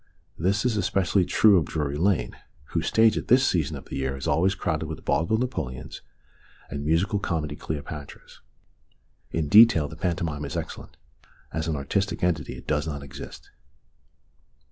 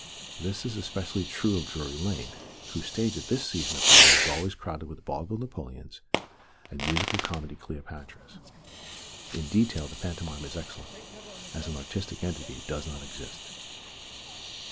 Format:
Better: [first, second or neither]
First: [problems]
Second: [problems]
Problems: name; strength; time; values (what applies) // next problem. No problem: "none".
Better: first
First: none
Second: background sound (Fireworks); 3 dB above the speech